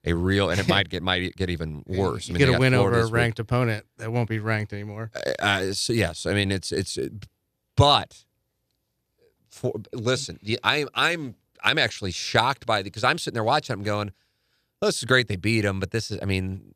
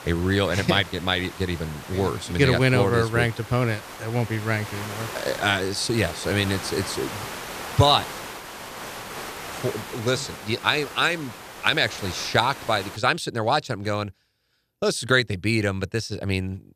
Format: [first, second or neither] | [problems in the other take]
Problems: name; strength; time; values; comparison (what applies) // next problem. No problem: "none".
first | hiss; noticeable; until 13 s; 10 dB below the speech